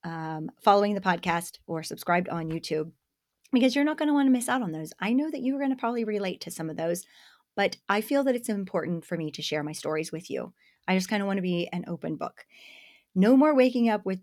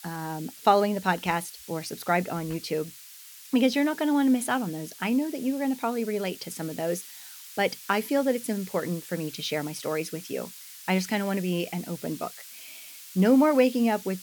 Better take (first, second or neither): first